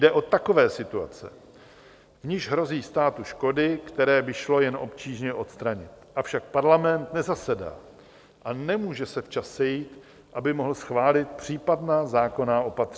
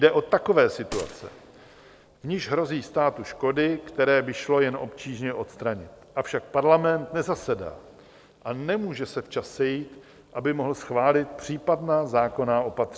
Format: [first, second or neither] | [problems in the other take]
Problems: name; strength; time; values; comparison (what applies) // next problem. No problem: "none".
first | background sound (Gunshot, gunfire); 20 dB below the speech